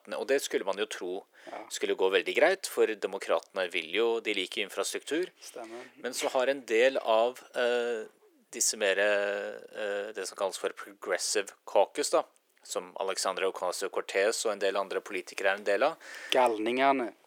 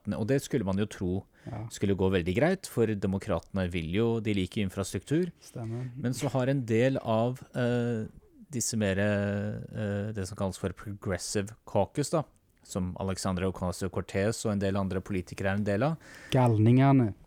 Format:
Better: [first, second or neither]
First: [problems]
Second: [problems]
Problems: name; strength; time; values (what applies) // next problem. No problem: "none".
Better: second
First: thin; very; fading below 400 Hz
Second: none